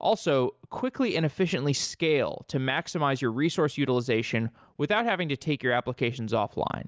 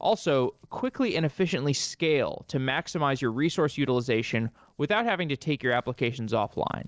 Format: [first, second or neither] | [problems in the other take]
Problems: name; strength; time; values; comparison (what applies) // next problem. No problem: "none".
first | noise reduction (neural separator model SepFormer DNS4)